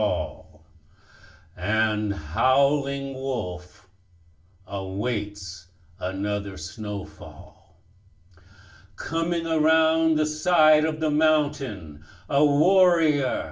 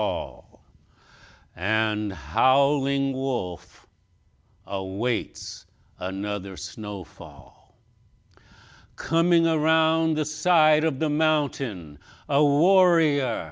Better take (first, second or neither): second